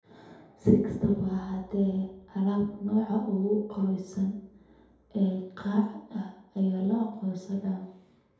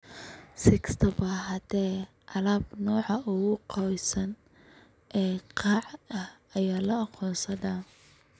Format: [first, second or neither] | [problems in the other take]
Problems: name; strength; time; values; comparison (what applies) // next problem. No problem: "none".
second | room echo; dies away in 0.8 s